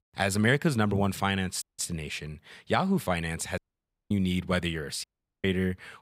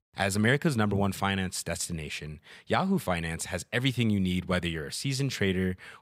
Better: second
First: audio cutting out; at 1.5 s, at 3.5 s for 0.5 s and at 5 s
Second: none

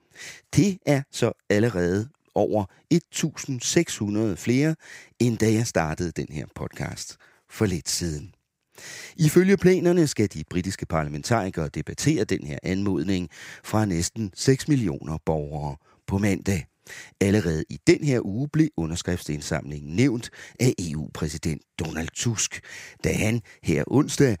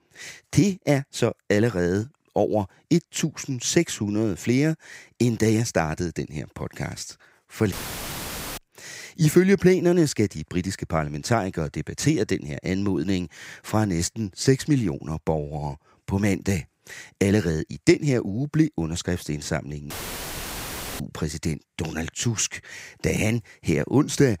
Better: first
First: none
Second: audio cutting out; filled with static; at 7.5 s for 1 s and at 20 s for 1 s

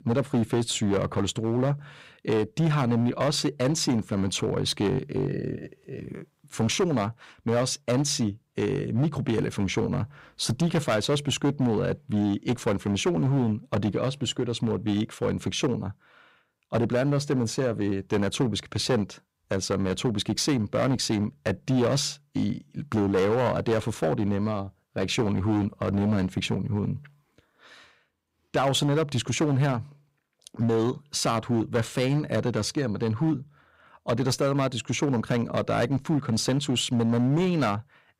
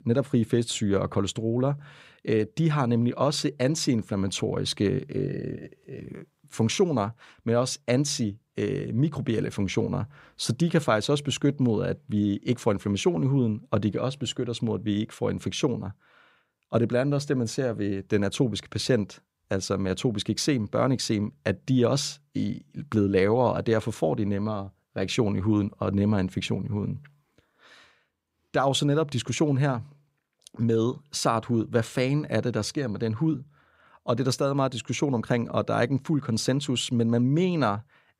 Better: second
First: distortion; slight; 9% of the sound clipped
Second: none

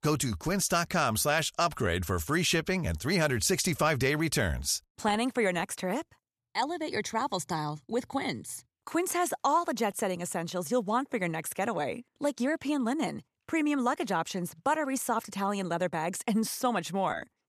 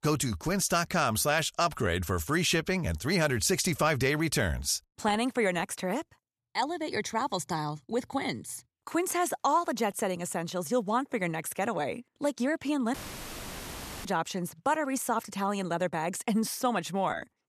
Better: first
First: none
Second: audio cutting out; filled with static; at 13 s for 1 s

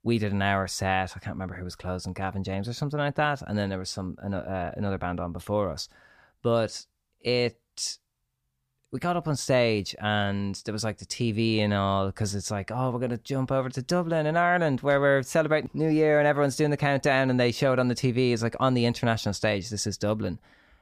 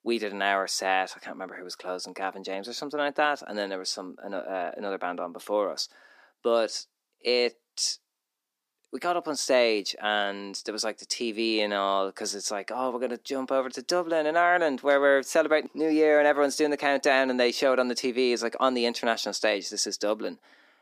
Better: first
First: none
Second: thin; somewhat; fading below 250 Hz

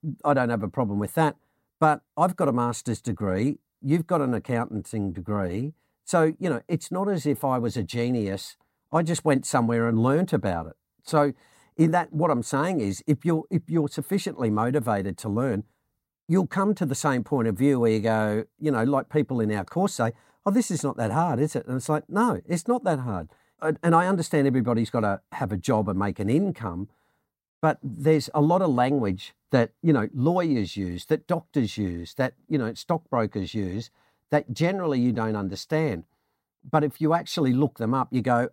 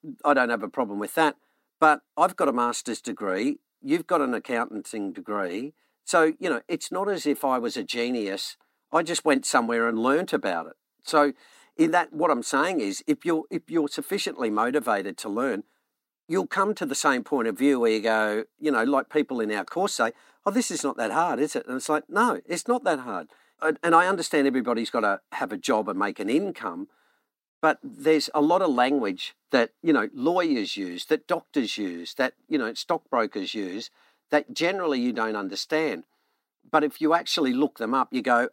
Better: first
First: none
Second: thin; very slightly; fading below 300 Hz

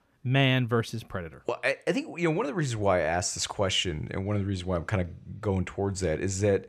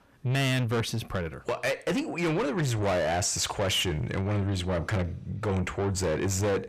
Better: first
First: none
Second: distortion; heavy; 7 dB below the speech

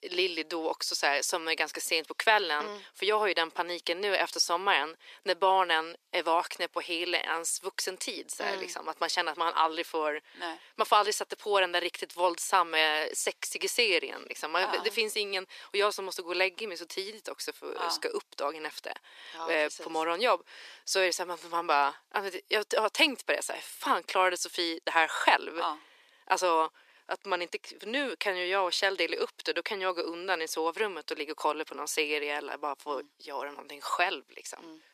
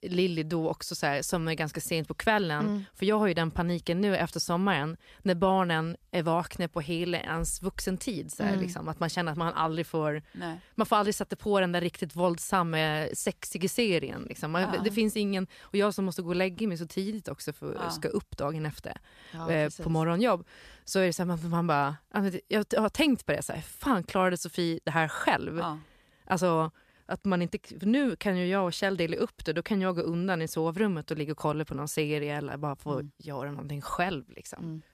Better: second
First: thin; very; fading below 350 Hz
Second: none

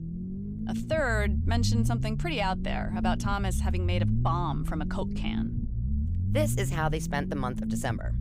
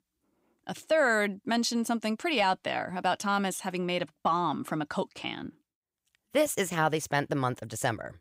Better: second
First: low rumble; loud; throughout; 9 dB below the speech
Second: none

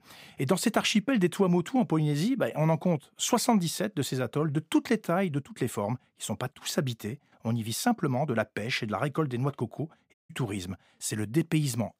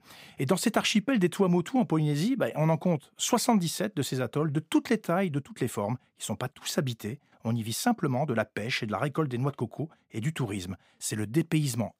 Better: second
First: audio cutting out; at 10 s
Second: none

